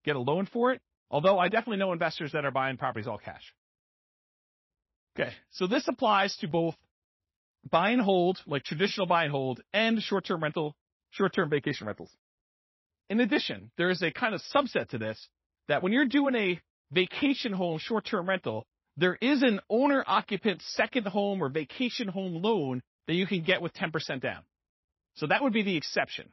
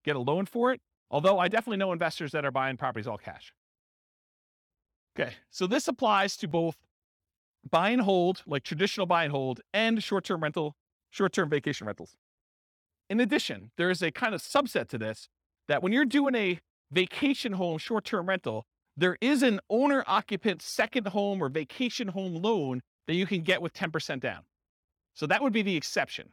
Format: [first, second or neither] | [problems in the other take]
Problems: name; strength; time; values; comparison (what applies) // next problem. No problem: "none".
second | garbled, watery; slightly; nothing above 5.5 kHz